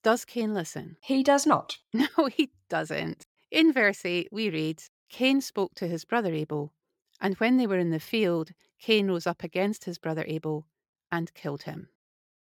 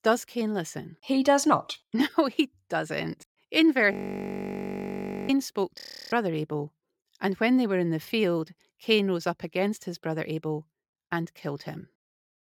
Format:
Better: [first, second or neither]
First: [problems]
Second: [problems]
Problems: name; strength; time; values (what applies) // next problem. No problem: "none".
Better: first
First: none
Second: audio freezing; at 4 s for 1.5 s and at 6 s